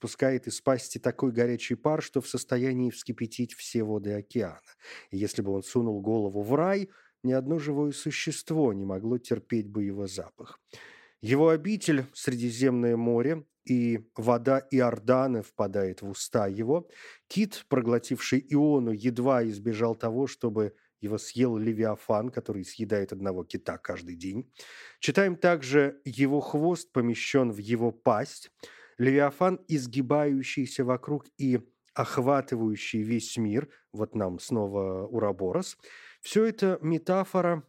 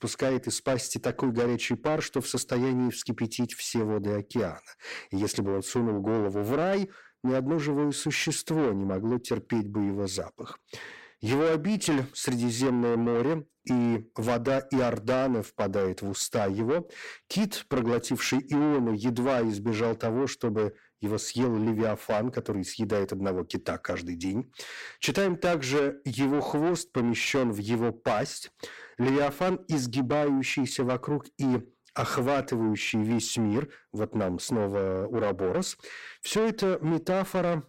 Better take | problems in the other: first | distortion; heavy; 7 dB below the speech

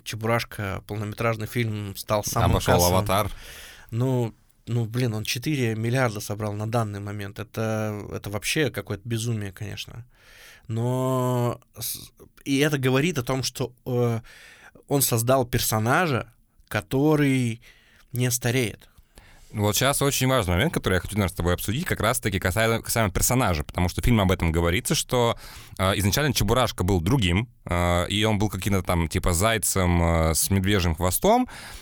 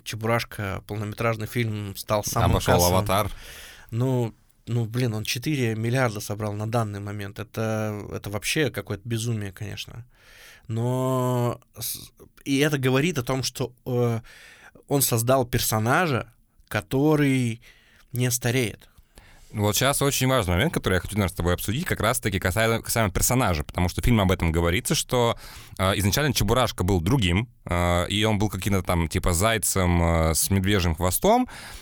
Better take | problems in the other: neither | none

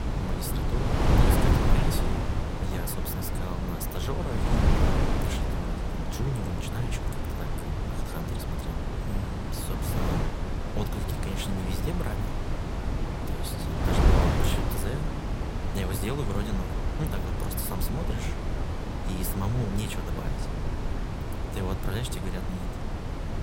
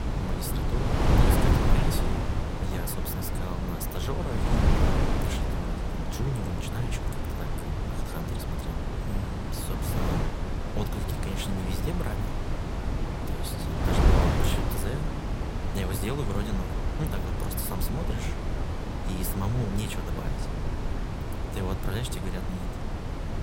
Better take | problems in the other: neither | wind noise on the microphone; heavy; 4 dB above the speech; the same in both

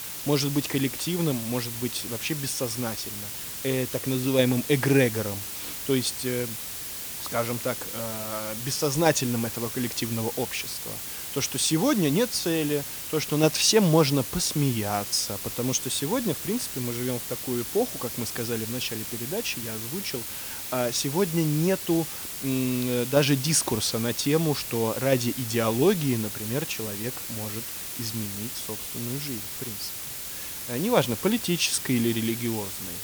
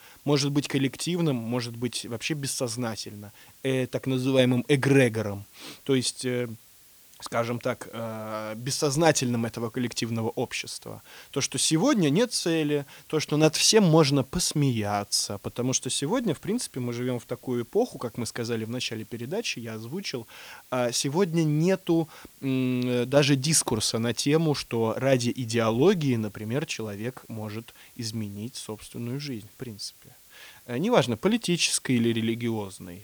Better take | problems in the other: second | hiss; loud; throughout; 6 dB below the speech; faint in the second

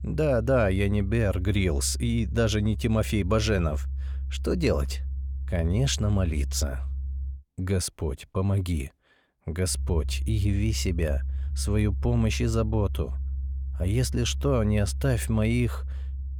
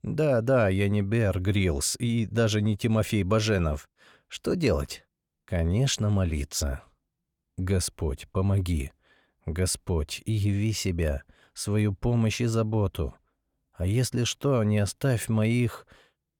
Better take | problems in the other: second | low rumble; faint; until 7.5 s and from 9.5 s on; 20 dB below the speech

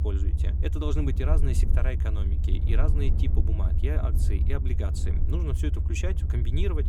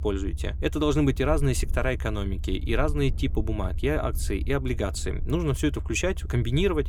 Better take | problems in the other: second | low rumble; loud; throughout; 6 dB below the speech; faint in the second

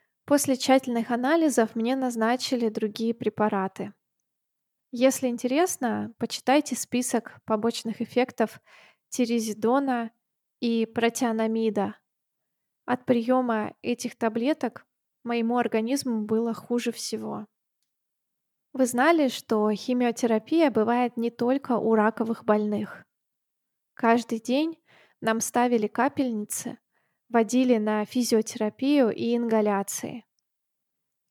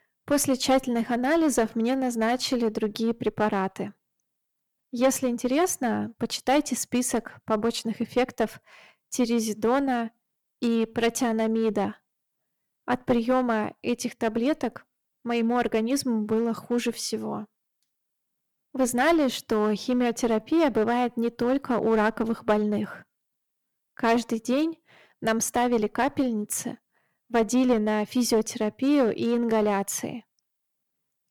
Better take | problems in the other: first | distortion; slight; 5% of the sound clipped

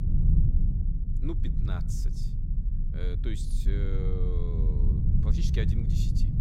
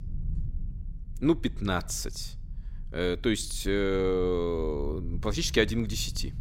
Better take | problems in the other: second | low rumble; loud; throughout; 1 dB below the speech; faint in the second

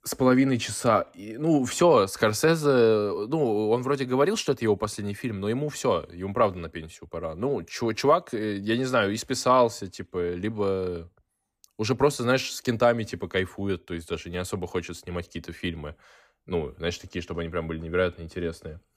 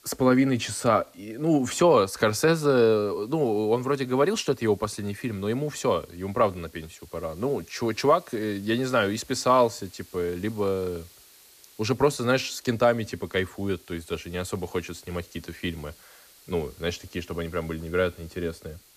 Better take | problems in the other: first | hiss; faint; throughout; 25 dB below the speech

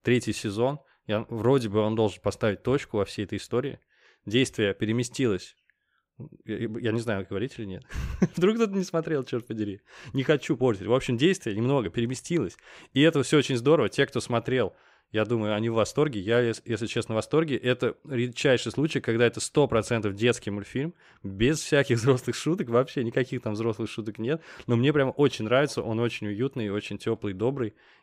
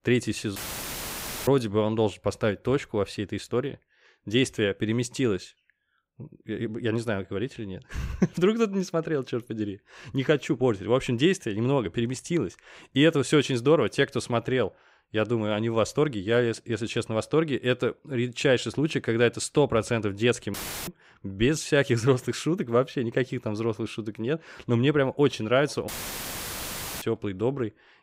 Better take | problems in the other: first | audio cutting out; filled with static; at 0.5 s for 1 s, at 21 s and at 26 s for 1 s

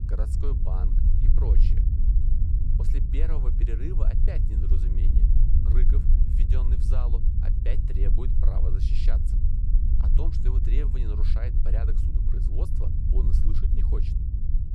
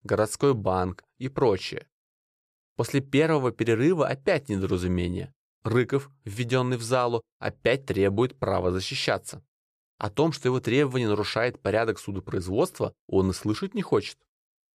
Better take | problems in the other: second | low rumble; loud; throughout; 1 dB below the speech

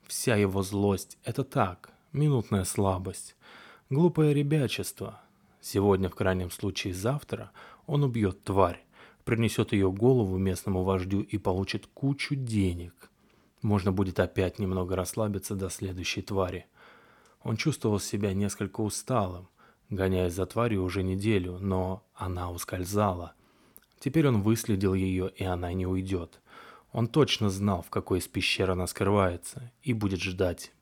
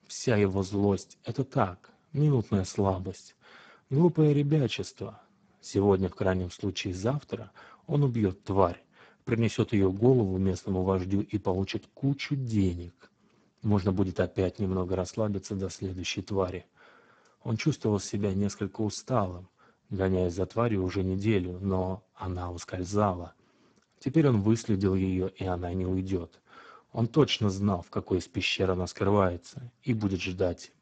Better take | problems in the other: first | garbled, watery; badly; nothing above 7.5 kHz

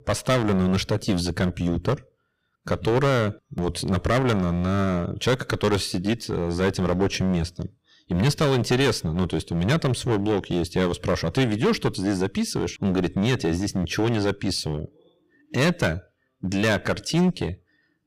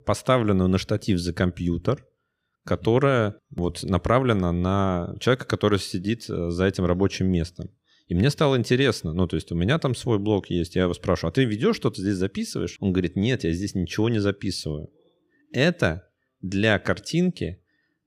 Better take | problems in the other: second | distortion; heavy; 10% of the sound clipped

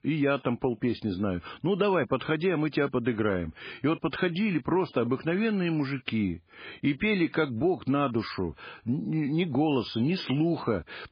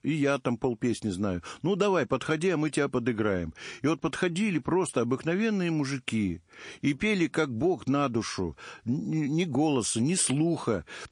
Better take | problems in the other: second | garbled, watery; badly; nothing above 5 kHz; slightly in the second

